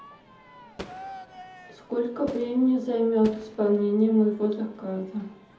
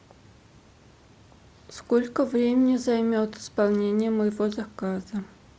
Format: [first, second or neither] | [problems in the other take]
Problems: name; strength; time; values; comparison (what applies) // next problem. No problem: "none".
second | background sound (Crowd / Fireworks); 19 dB below the speech // room echo; dies away in 0.7 s